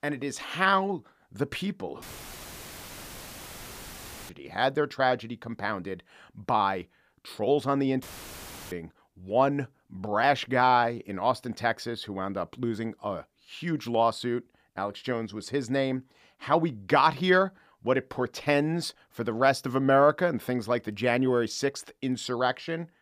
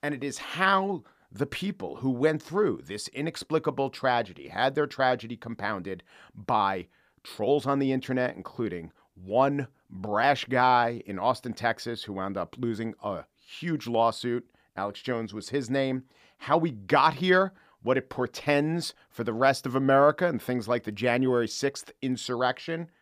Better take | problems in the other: second | audio cutting out; filled with static; at 2 s for 2.5 s and at 8 s for 0.5 s

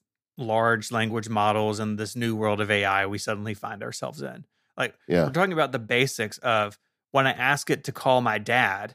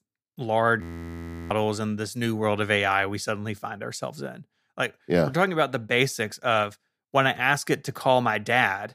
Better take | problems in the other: first | audio freezing; at 1 s for 0.5 s

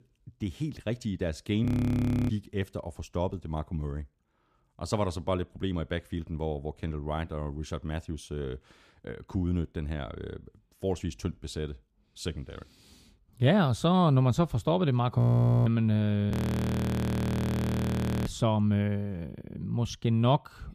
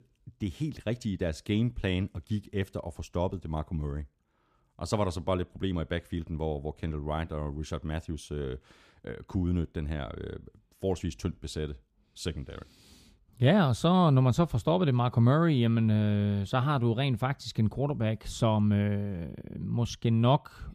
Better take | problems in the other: second | audio freezing; at 1.5 s for 0.5 s, at 15 s and at 16 s for 2 s

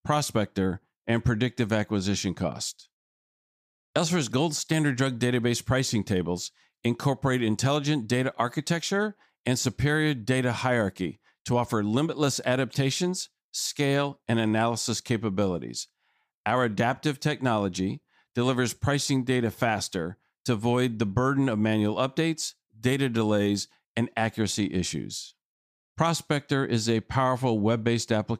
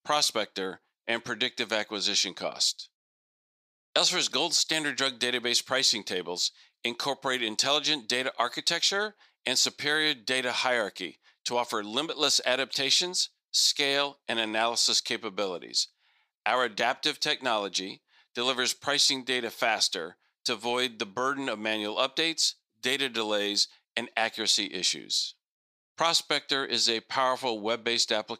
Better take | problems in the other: first | thin; somewhat; fading below 450 Hz

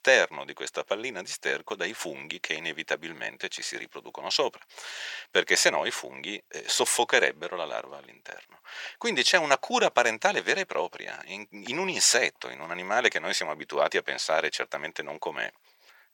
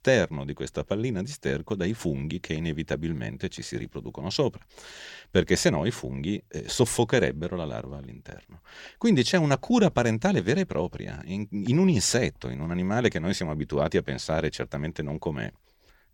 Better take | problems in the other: second | thin; very; fading below 750 Hz

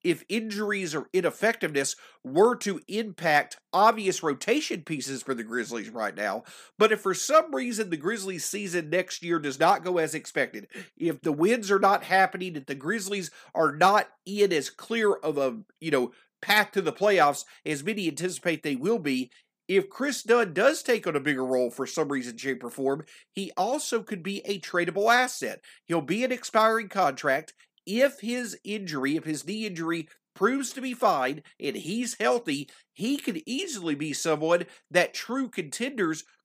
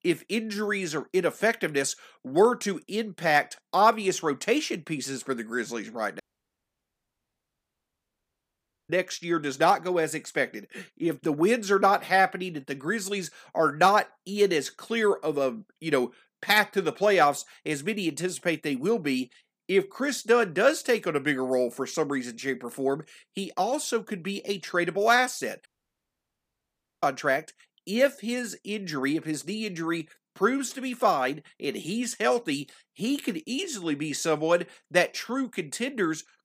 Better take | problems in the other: first | audio cutting out; at 6 s for 2.5 s and at 26 s for 1.5 s

